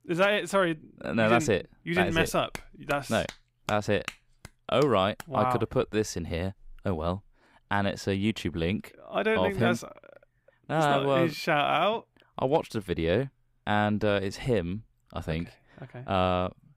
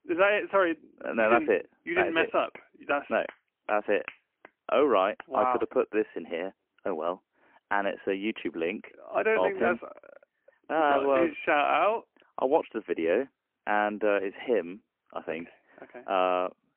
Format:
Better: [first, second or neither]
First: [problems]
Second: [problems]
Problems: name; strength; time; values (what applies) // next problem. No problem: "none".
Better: first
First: none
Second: phone-call audio; poor line; nothing above 3 kHz